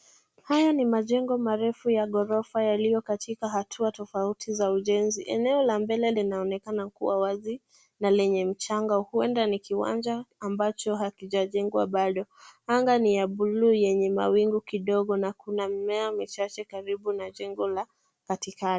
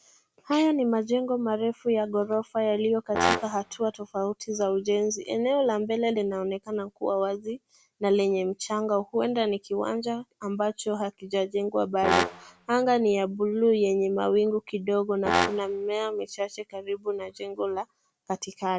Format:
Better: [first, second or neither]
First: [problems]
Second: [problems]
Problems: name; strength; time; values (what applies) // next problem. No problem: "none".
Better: first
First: none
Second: background sound (Brass instrument); 2 dB below the speech